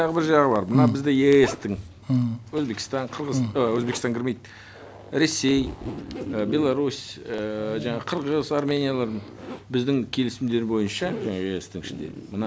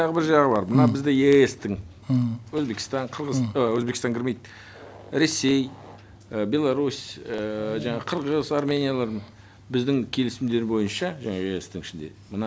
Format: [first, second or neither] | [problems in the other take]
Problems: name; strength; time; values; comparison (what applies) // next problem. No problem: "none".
second | background sound (Zipper (clothing)); 15 dB below the speech